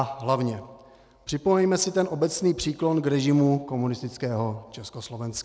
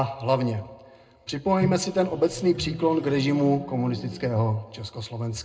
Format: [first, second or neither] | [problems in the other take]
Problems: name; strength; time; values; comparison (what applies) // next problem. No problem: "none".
first | background sound (Microwave oven); 10 dB below the speech // room echo; dies away in 0.2 s